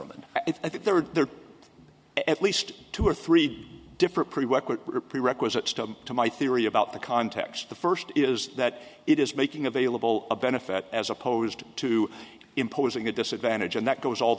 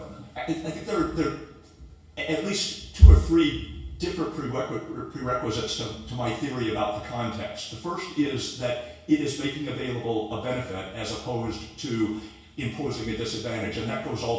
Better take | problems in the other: first | room echo; dies away in 0.6 s

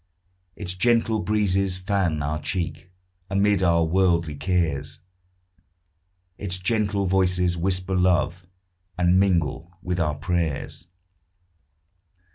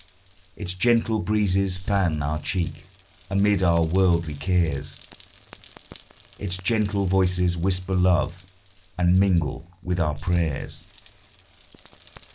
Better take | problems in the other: first | background sound (Rain); 19 dB below the speech

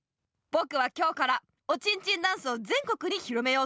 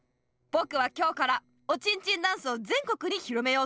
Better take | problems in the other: first | noise reduction (neural separator model SepFormer DNS4)

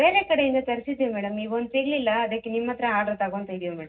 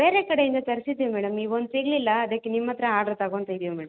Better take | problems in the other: second | room echo; dies away in 0.4 s

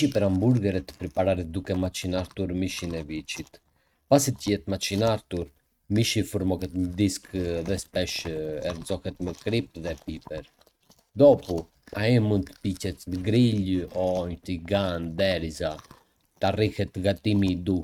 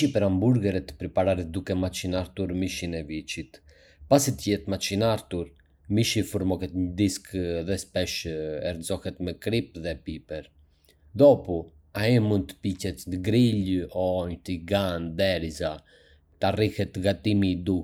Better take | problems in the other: second | noise reduction (neural mask model RNNoise)

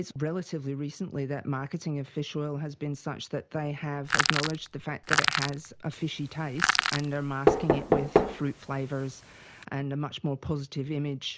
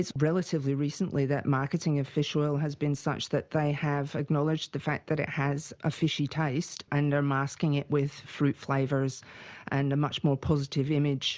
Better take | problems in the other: second | background sound (Knock + Crushing); 4 dB above the speech

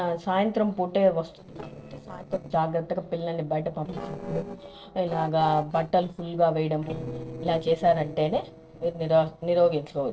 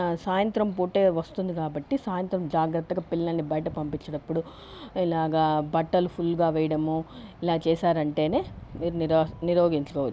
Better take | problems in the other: second | noise reduction (neural separator model SepFormer DNS4)

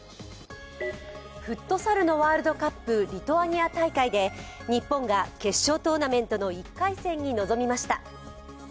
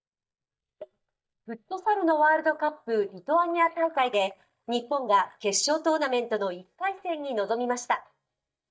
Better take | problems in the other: first | noise reduction (neural mask model DeepFilterNet 3)

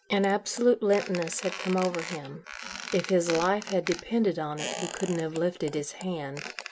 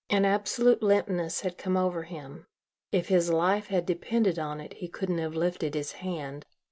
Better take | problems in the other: second | background sound (Squeak); 12 dB below the speech

